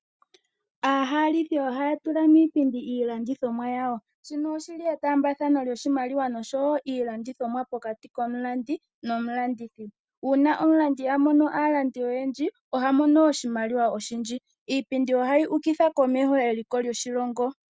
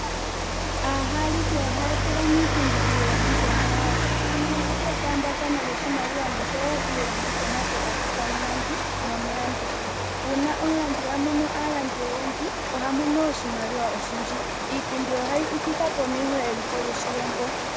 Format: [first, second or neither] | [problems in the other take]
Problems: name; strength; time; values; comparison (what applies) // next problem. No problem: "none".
first | background sound (Rain); 3 dB above the speech